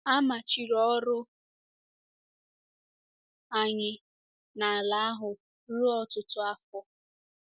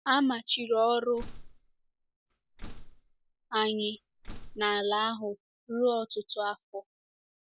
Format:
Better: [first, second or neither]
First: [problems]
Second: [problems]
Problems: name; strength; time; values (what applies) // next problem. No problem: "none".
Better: first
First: none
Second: background sound (Slam); 13 dB below the speech